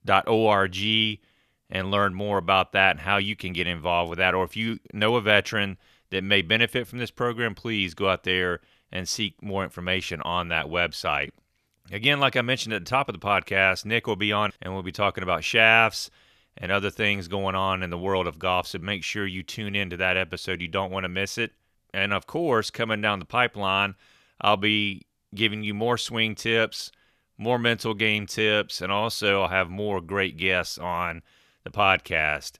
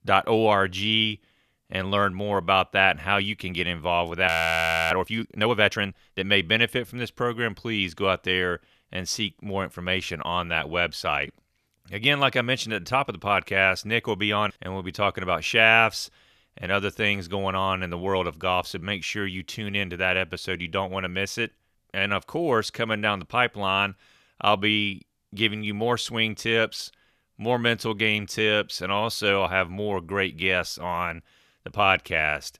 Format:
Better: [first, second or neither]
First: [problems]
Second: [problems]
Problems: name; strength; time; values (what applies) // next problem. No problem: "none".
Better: first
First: none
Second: audio freezing; at 4.5 s for 0.5 s